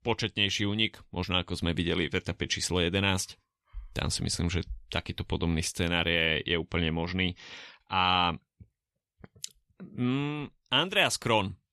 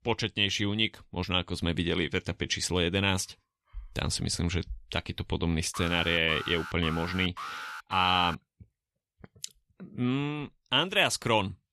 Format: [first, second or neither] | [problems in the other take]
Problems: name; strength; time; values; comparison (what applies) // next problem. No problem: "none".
first | alarm; noticeable; from 5.5 to 8.5 s; peak 10 dB below the speech